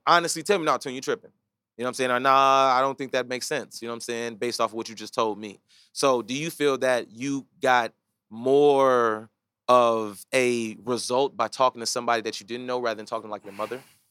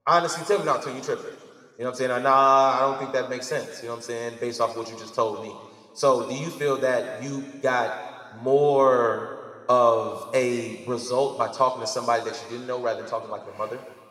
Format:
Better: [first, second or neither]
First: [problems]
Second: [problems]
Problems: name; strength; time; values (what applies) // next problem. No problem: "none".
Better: first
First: none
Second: room echo; noticeable; dies away in 1.8 s // off-mic speech; somewhat distant